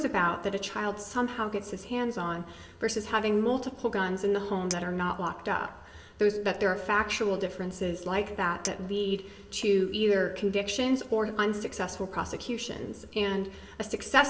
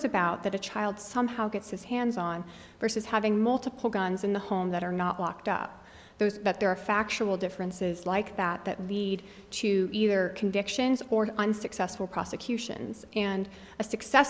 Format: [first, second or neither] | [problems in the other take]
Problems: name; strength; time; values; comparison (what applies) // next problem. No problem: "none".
second | background sound (Chink, clink); 19 dB below the speech // room echo; dies away in 0.9 s